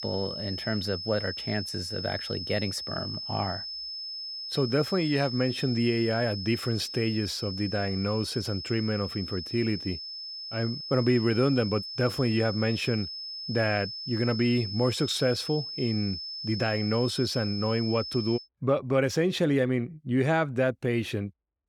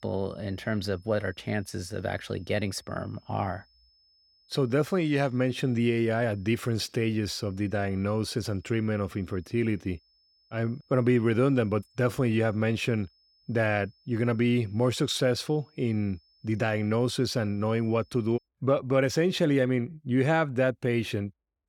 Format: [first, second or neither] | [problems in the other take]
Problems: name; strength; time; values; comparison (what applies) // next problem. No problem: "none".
second | high-pitched whine; loud; until 18 s; 5 kHz, 6 dB below the speech; faint in the second